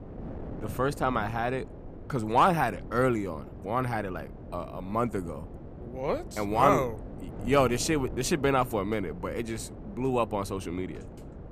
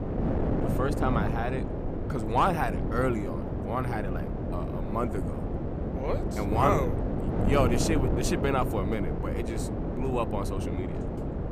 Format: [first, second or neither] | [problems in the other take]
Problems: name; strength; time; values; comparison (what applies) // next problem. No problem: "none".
first | wind noise on the microphone; heavy; 5 dB below the speech; occasional gusts in the first